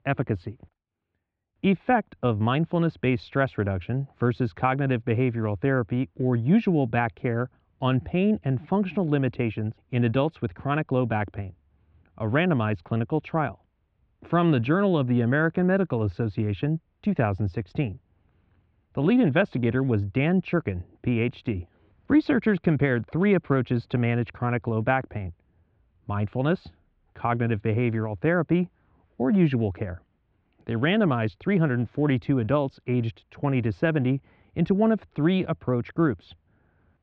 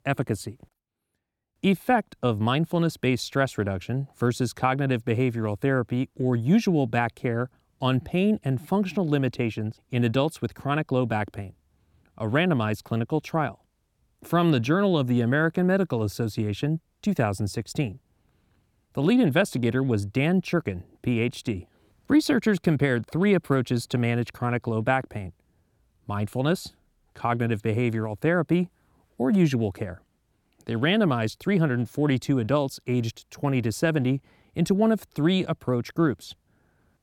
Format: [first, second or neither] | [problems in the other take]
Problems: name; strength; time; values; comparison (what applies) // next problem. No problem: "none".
second | muffled; very; fading above 3 kHz